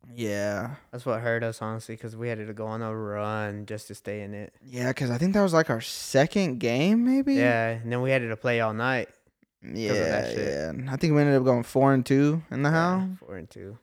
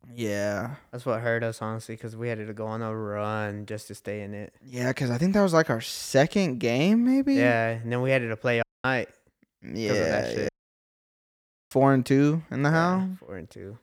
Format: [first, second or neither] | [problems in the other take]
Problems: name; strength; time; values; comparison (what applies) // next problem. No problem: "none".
first | audio cutting out; at 8.5 s and at 10 s for 1 s